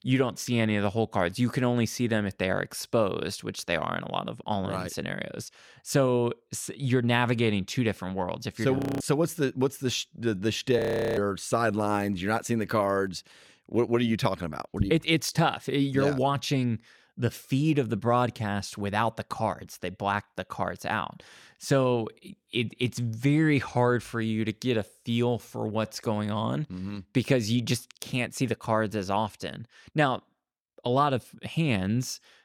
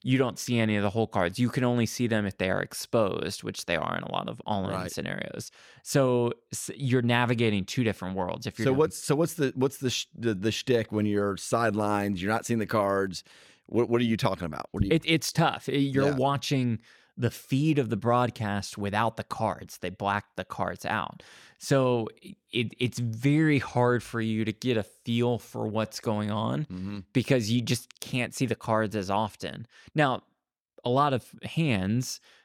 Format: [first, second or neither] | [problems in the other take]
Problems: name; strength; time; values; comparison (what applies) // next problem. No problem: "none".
second | audio freezing; at 9 s and at 11 s